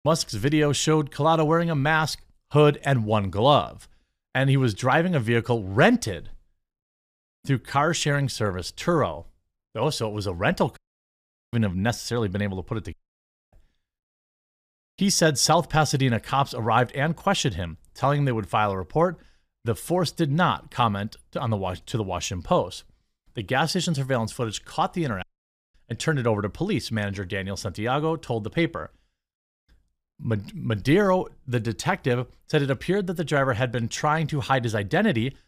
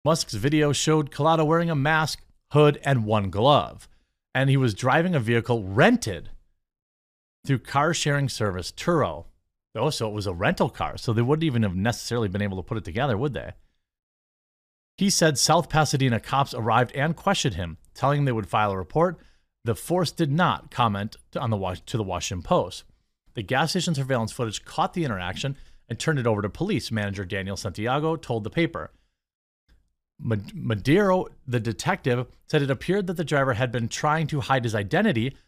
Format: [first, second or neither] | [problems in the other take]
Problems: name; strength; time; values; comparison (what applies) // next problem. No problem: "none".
second | audio cutting out; at 11 s for 1 s, at 13 s for 0.5 s and at 25 s for 0.5 s